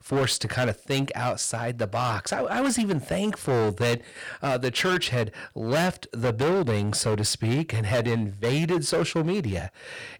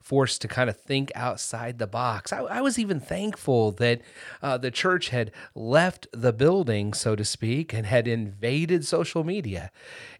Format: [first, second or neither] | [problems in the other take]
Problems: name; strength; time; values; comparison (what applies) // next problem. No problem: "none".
second | distortion; heavy; 17% of the sound clipped